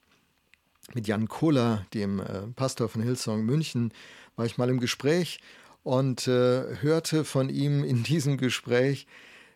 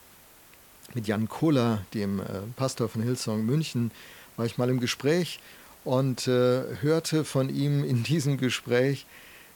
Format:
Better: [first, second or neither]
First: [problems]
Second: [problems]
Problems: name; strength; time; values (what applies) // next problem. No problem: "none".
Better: first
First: none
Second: hiss; faint; throughout; 25 dB below the speech